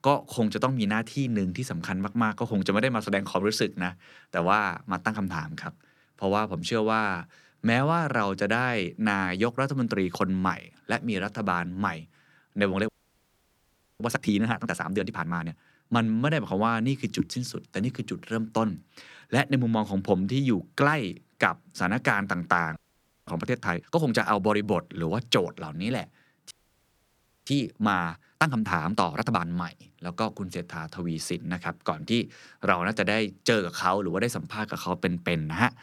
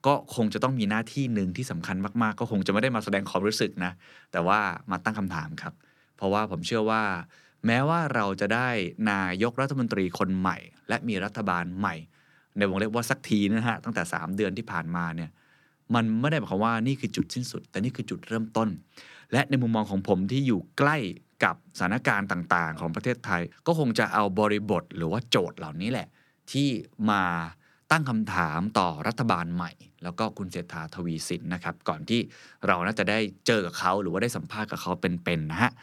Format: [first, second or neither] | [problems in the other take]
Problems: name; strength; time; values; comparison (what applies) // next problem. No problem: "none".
second | audio freezing; at 13 s for 1 s, at 23 s for 0.5 s and at 27 s for 1 s